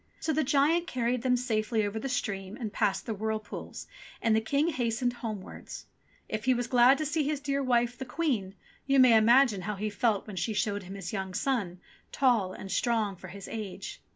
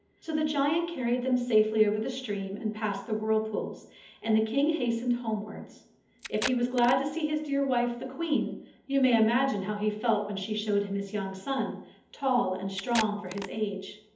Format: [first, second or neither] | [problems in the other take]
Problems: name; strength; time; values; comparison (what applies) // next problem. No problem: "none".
first | background sound (Packing tape, duct tape); 10 dB below the speech // room echo; dies away in 0.7 s